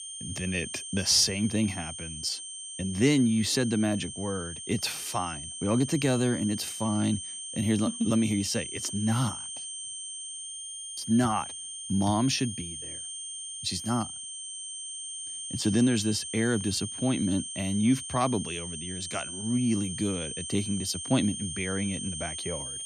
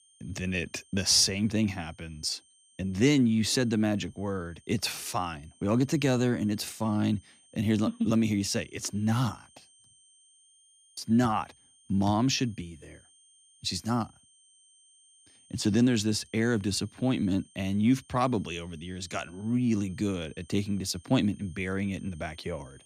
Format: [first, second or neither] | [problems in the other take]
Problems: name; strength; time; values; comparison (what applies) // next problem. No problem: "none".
second | high-pitched whine; loud; throughout; 8.5 kHz, 7 dB below the speech; faint in the second